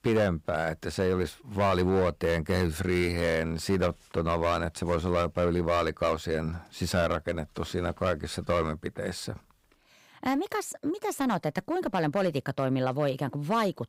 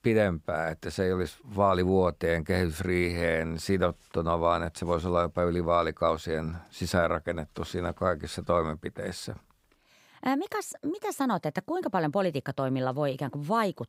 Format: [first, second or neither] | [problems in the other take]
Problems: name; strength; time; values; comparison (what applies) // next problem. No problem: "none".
second | distortion; slight; 7% of the sound clipped